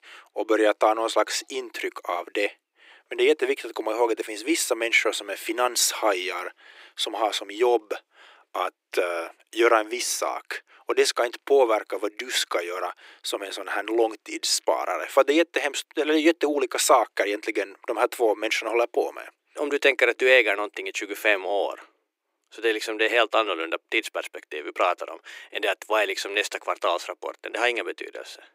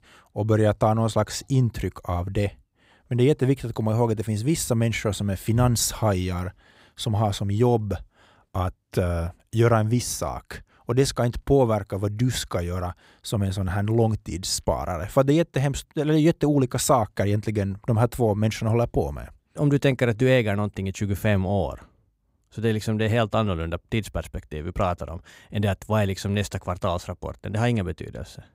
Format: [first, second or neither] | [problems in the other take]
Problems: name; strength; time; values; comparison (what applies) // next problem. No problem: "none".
second | thin; very; fading below 300 Hz